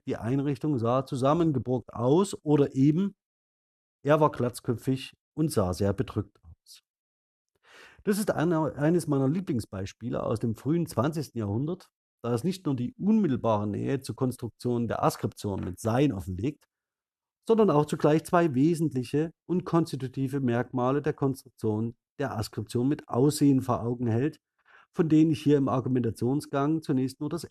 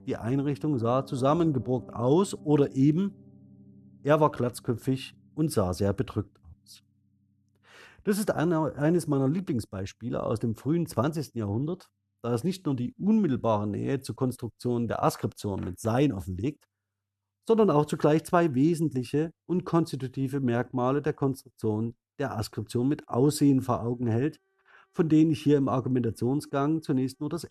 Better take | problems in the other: first | background music; faint; throughout; 25 dB below the speech

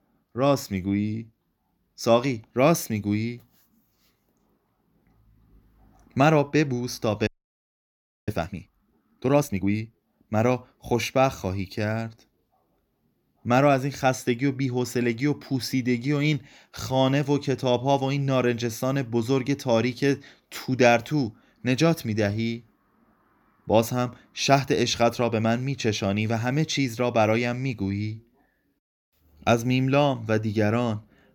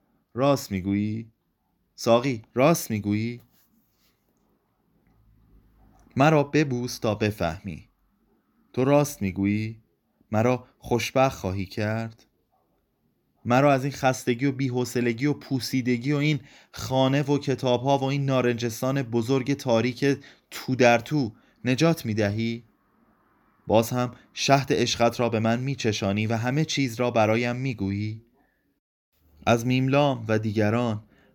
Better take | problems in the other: second | audio freezing; at 7.5 s for 1 s

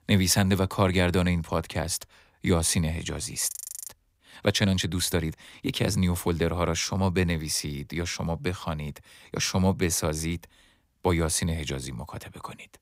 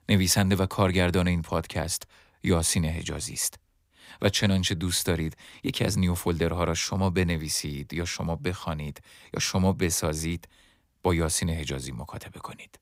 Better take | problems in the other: second | audio freezing; at 3.5 s

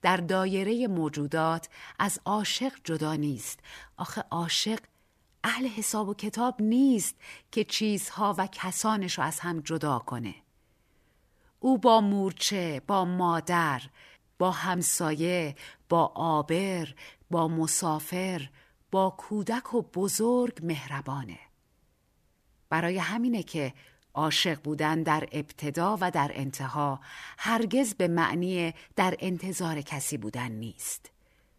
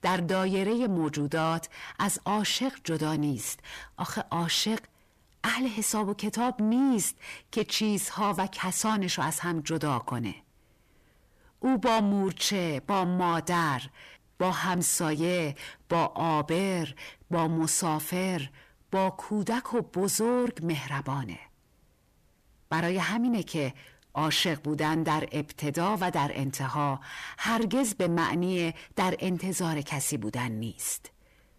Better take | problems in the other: first | distortion; slight; 10 dB below the speech

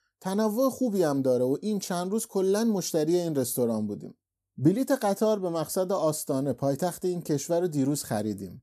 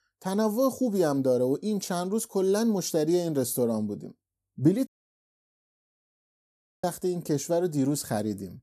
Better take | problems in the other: first | audio cutting out; at 5 s for 2 s

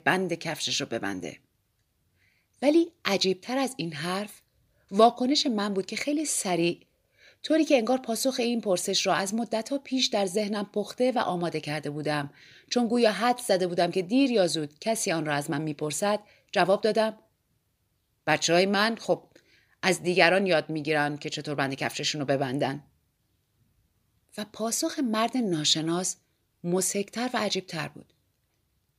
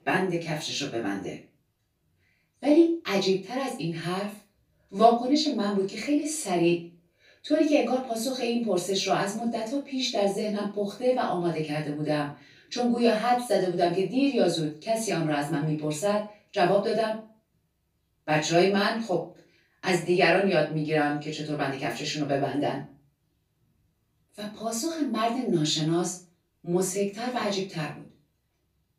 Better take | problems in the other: first | off-mic speech; far // room echo; slight; dies away in 0.3 s

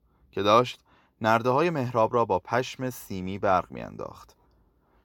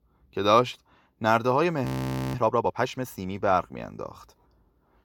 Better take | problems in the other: first | audio freezing; at 2 s

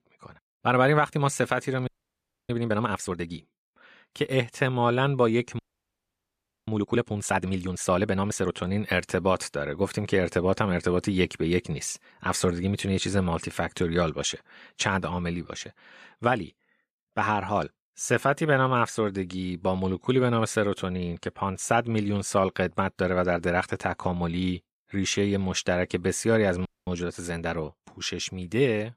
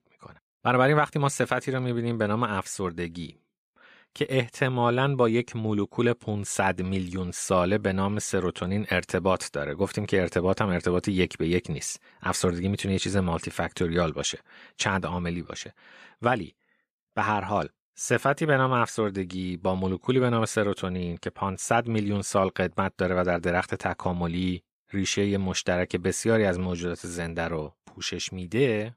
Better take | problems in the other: second | audio freezing; at 2 s for 0.5 s, at 5.5 s for 1 s and at 27 s

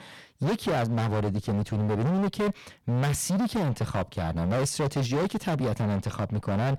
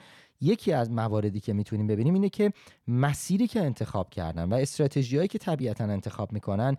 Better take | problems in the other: second | distortion; heavy; 30% of the sound clipped

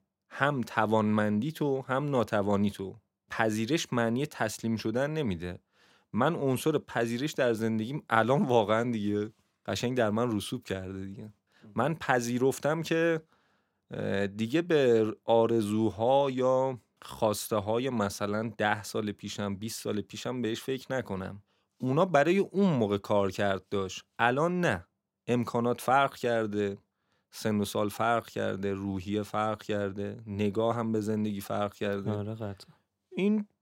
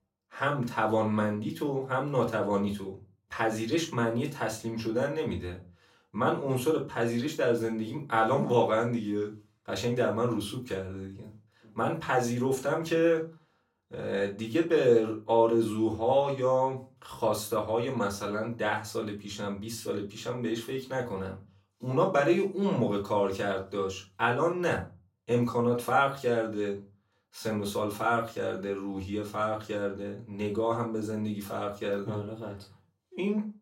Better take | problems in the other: first | off-mic speech; far // room echo; very slight; dies away in 0.2 s

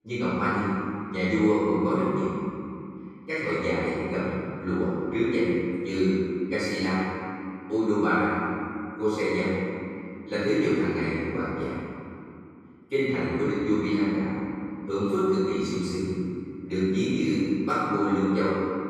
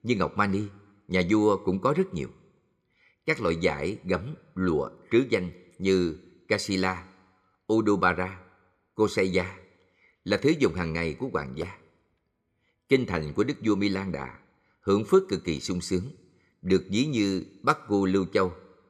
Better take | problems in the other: second | off-mic speech; far // room echo; strong; dies away in 2.4 s

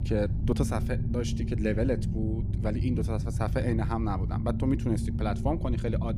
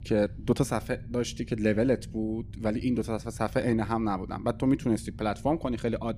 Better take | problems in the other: second | low rumble; loud; throughout; 8 dB below the speech; faint in the second

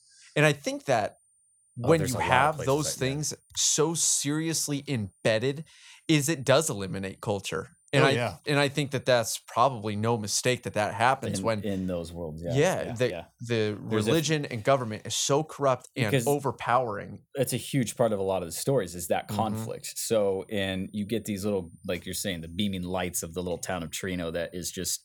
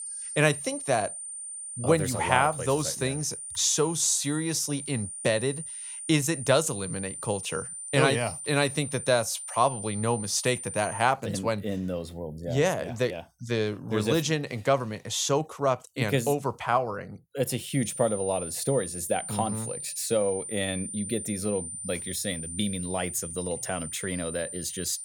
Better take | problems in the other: first | high-pitched whine; loud; until 11 s and from 18 s on; 9 kHz, 7 dB below the speech; faint in the first

